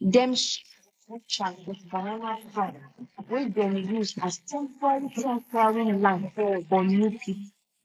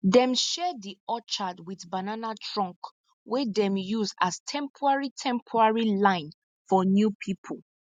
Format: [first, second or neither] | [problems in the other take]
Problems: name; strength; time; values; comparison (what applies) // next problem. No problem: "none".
second | noise reduction (neural mask model Resemble Enhance denoiser)